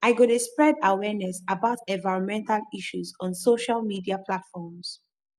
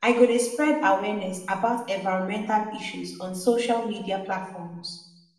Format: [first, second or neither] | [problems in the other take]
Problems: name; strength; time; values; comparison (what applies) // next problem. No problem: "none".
first | room echo; dies away in 0.7 s